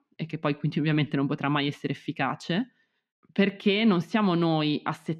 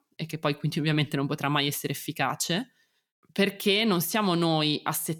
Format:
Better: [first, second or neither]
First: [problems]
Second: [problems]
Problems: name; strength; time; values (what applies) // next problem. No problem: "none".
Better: second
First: muffled; slightly; fading above 2.5 kHz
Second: none